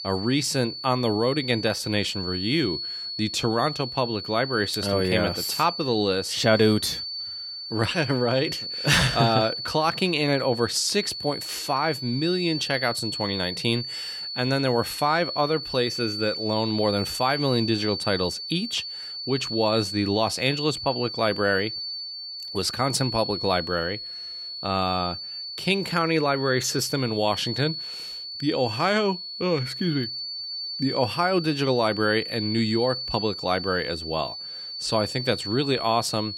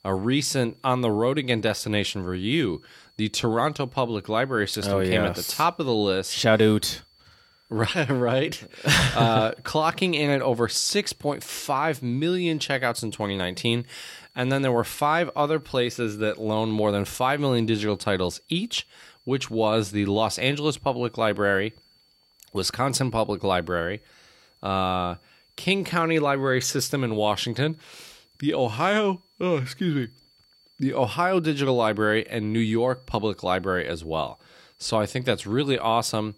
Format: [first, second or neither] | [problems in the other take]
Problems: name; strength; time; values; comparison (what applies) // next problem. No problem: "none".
second | high-pitched whine; loud; throughout; 4.5 kHz, 6 dB below the speech; faint in the second